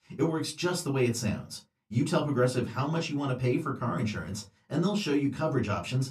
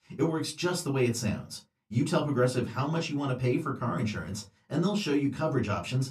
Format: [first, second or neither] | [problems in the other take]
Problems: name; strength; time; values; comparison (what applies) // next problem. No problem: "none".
neither | off-mic speech; somewhat distant; the same in both // room echo; very slight; dies away in 0.2 s; the same in both